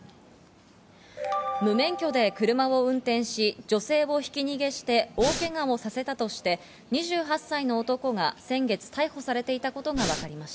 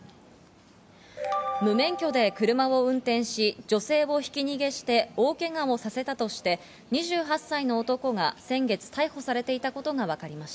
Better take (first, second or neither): second